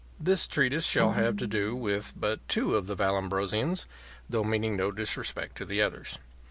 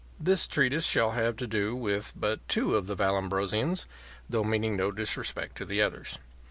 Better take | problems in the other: second | background sound (Snare drum); 7 dB below the speech

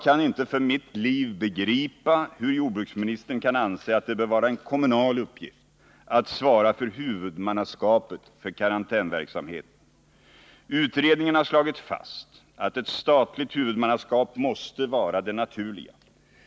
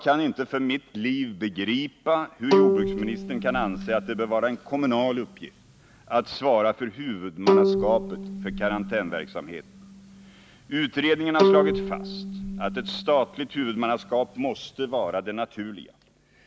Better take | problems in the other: first | background sound (Bowed string instrument); 1 dB below the speech

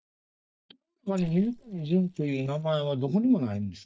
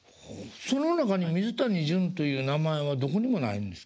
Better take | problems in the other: second | noise reduction (neural mask model DeepFilterNet 3)

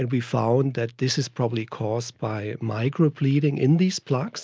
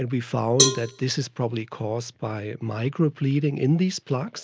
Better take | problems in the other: first | background sound (Cowbell); 2 dB below the speech

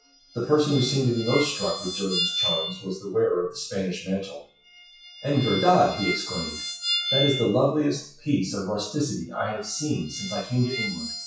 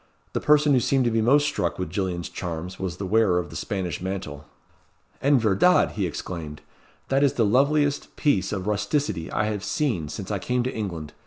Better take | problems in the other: second | noise reduction (classical method WPE with log-MMSE)

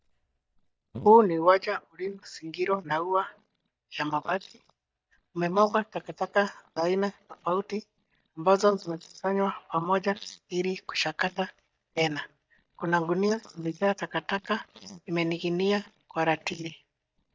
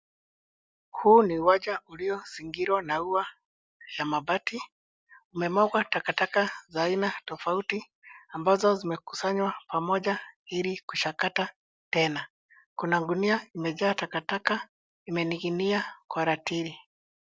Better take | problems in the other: second | noise reduction (neural mask model DeepFilterNet 3)

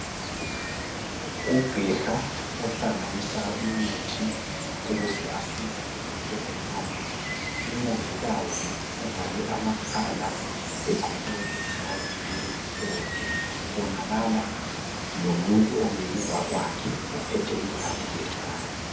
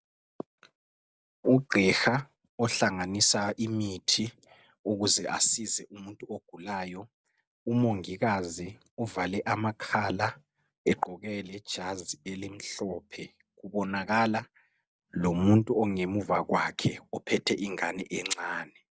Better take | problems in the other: second | background sound (Water); 1 dB below the speech // room echo; dies away in 0.6 s

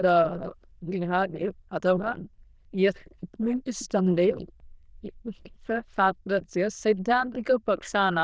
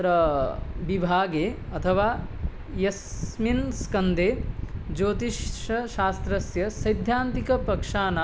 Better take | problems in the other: second | noise reduction (neural diffusion model UNIVERSE++)

